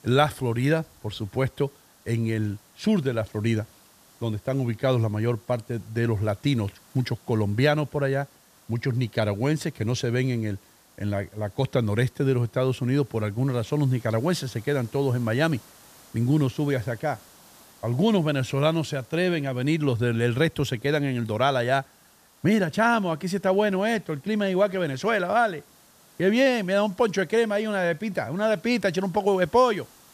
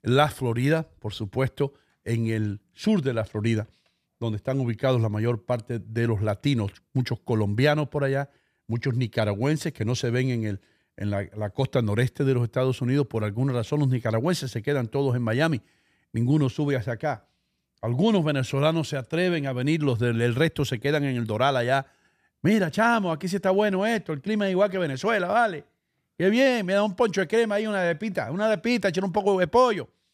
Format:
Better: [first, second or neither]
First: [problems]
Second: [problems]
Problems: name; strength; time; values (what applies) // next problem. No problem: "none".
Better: second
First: hiss; faint; throughout; 30 dB below the speech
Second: none